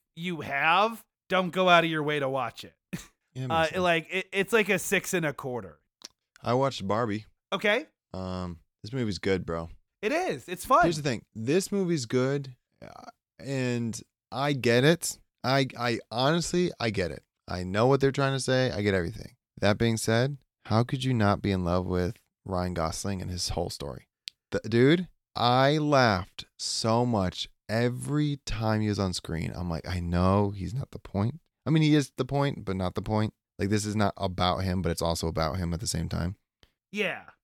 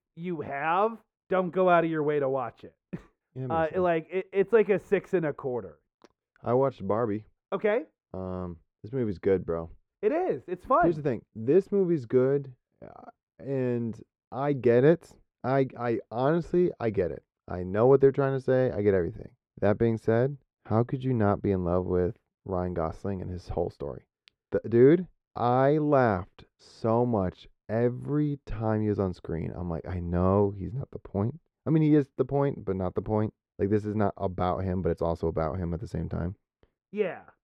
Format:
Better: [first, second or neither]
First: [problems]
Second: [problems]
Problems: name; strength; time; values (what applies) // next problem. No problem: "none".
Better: first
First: none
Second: muffled; very; fading above 3 kHz